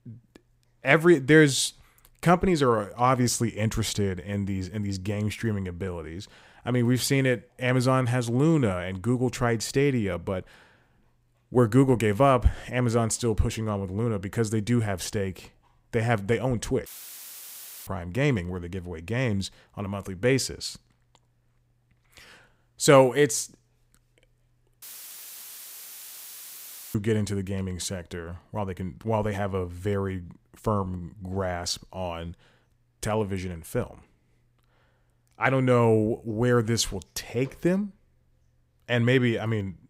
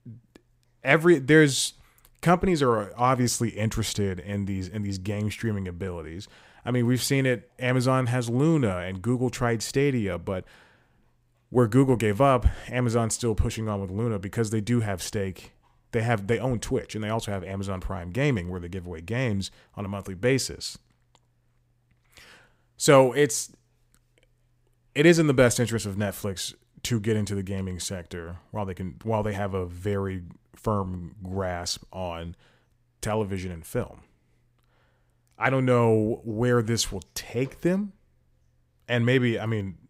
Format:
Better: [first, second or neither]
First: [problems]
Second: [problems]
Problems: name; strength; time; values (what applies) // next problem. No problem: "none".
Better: second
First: audio cutting out; filled with static; at 17 s for 1 s and at 25 s for 2 s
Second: none